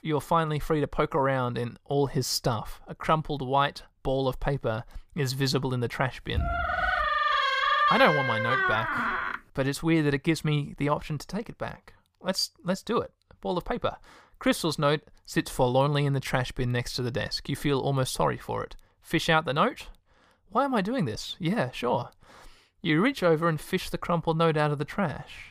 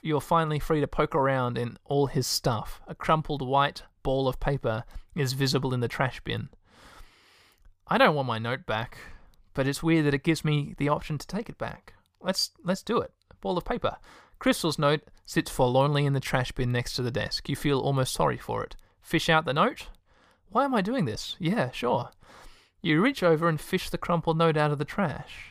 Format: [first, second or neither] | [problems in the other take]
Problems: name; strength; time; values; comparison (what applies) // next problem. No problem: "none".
second | door banging; loud; from 6.5 to 9.5 s; peak 5 dB above the speech